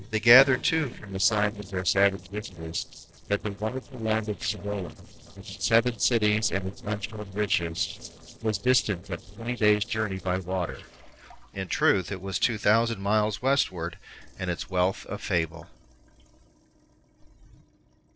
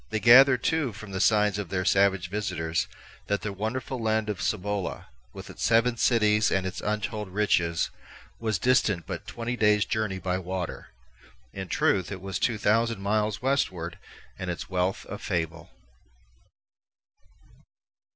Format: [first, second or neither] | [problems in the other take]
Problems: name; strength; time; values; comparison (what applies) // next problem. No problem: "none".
second | noise reduction (neural separator model SepFormer DNS4)